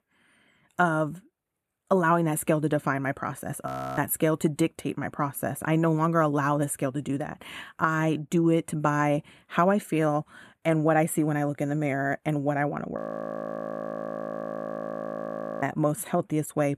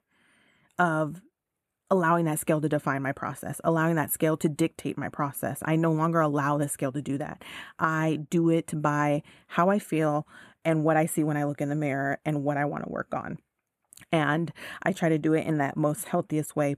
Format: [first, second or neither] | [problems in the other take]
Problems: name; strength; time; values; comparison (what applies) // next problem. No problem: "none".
second | audio freezing; at 3.5 s and at 13 s for 2.5 s